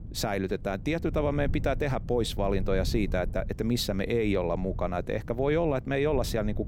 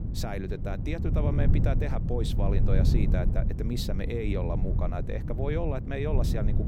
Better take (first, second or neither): first